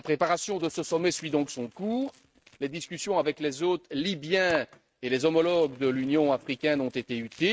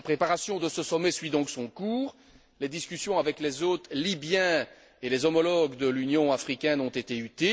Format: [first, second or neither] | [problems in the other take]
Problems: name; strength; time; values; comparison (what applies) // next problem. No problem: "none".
second | noise reduction (neural mask model RNNoise)